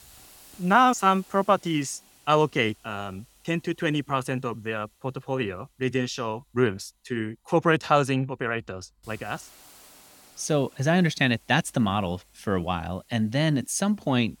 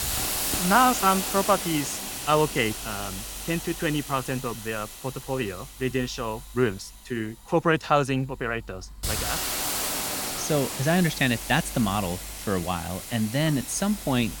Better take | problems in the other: first | hiss; loud; throughout; 4 dB below the speech; faint in the first

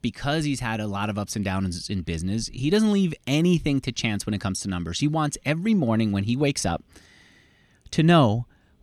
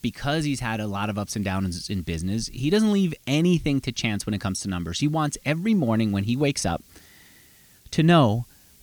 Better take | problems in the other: first | hiss; faint; throughout; 30 dB below the speech

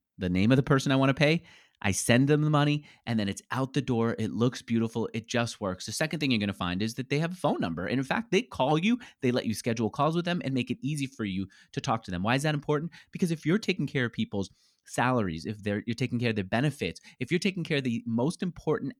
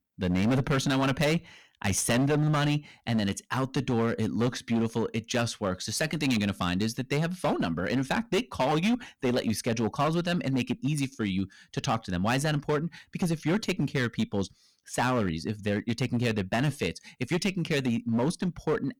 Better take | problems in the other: first | distortion; heavy; 12% of the sound clipped

